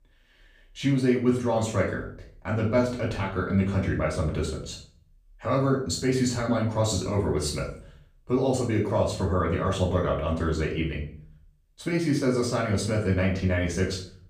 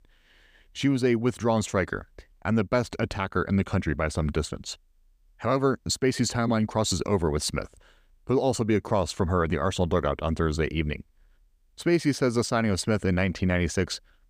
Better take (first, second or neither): second